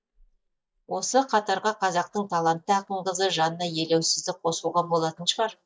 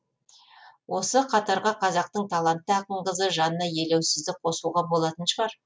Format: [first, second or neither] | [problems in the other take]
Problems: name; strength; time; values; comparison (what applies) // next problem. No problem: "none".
second | noise reduction (neural mask model DeepFilterNet 3)